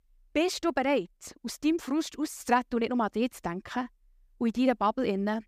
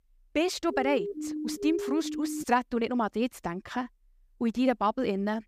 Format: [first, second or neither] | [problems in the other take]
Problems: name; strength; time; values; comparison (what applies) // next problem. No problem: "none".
first | siren; noticeable; from 0.5 to 2.5 s; peak 4 dB below the speech